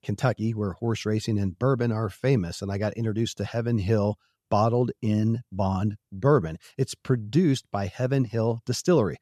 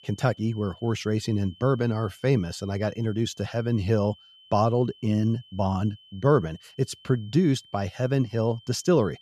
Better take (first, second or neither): first